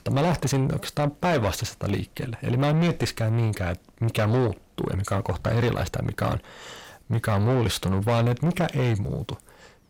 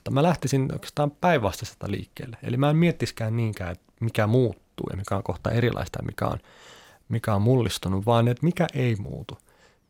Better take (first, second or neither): second